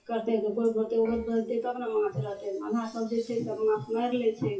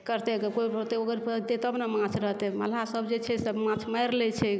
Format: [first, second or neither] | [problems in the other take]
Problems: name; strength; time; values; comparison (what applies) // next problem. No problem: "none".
second | noise reduction (classical method WPE with log-MMSE)